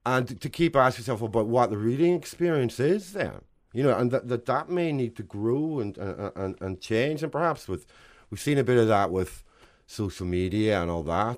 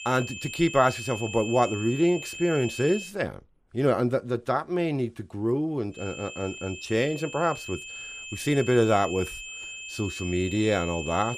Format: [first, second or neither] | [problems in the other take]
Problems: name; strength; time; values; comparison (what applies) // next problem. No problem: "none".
first | high-pitched whine; loud; until 3 s and from 6 s on; 2.5 kHz, 10 dB below the speech